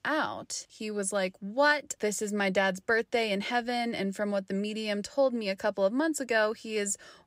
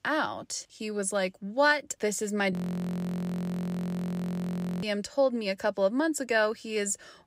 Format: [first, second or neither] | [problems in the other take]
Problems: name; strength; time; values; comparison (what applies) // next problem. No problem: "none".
first | audio freezing; at 2.5 s for 2.5 s